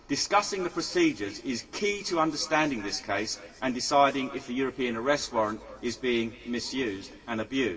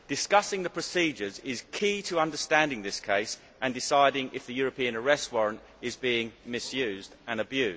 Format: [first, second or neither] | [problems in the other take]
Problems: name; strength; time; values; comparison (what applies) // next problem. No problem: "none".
second | room echo; dies away in 2.5 s